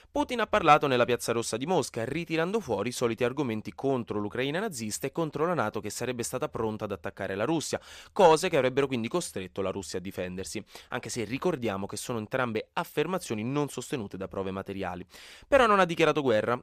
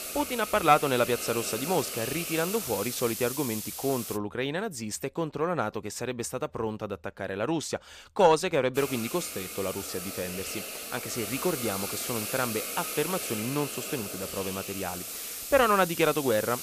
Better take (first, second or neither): first